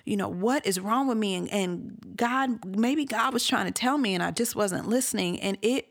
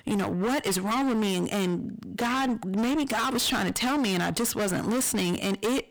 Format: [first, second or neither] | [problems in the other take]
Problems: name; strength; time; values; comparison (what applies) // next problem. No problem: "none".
first | distortion; heavy; 36% of the sound clipped